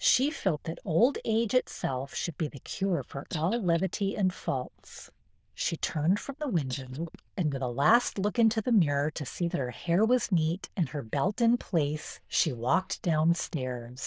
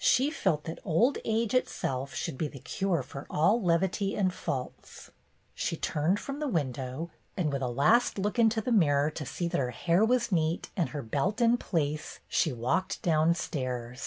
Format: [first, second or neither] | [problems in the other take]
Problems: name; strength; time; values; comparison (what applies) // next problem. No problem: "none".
second | noise reduction (neural diffusion model UNIVERSE++)